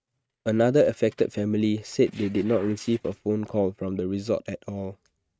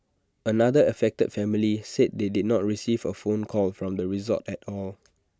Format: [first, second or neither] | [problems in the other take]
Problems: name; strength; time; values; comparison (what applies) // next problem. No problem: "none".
second | noise reduction (neural mask model RNNoise)